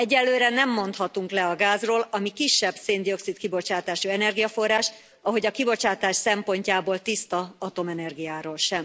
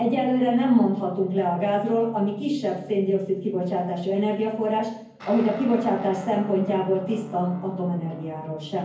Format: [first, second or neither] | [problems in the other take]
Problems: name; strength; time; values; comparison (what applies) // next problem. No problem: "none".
first | background sound (Guitar); 18 dB below the speech // room echo; dies away in 0.9 s